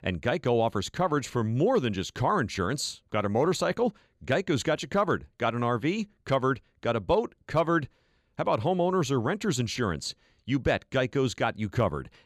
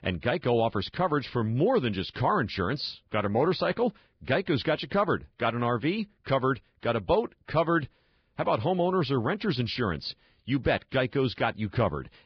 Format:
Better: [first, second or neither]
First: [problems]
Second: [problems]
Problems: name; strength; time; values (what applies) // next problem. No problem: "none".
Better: first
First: none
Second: garbled, watery; badly; nothing above 5 kHz